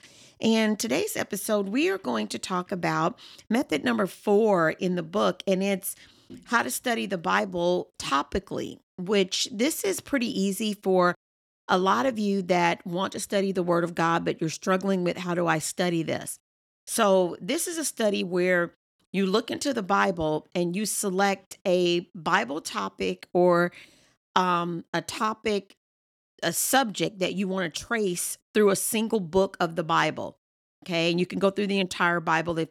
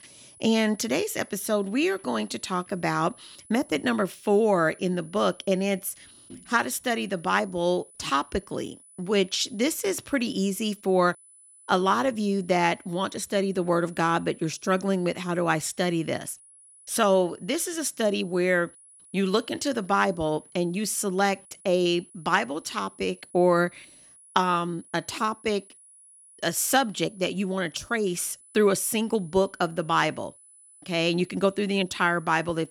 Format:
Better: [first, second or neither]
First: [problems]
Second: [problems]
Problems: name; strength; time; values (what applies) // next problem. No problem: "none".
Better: first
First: none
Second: high-pitched whine; faint; throughout; 10 kHz, 25 dB below the speech